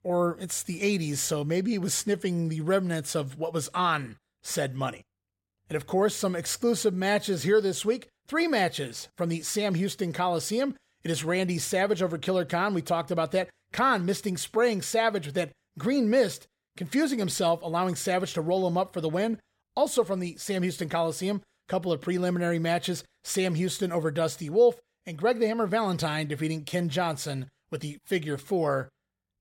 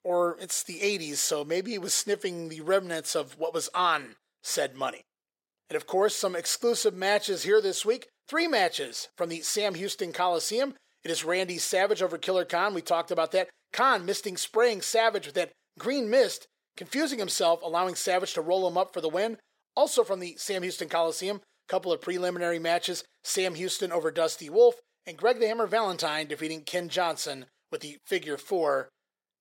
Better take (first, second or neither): first